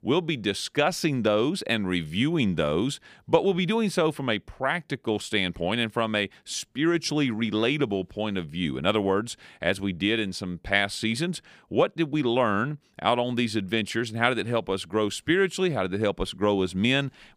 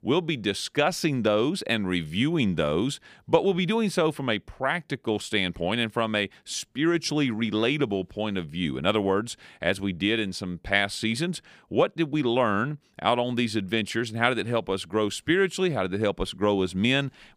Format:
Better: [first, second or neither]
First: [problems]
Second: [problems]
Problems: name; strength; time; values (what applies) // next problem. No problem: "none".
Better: neither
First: none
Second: none